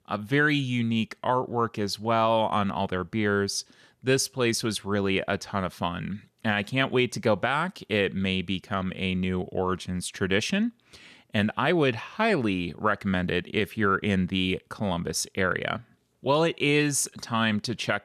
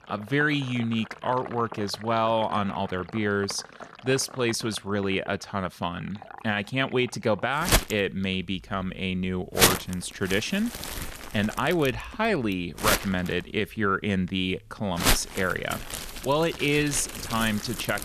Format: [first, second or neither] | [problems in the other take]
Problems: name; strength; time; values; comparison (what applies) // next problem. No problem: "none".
first | household noises; loud; throughout; 3 dB below the speech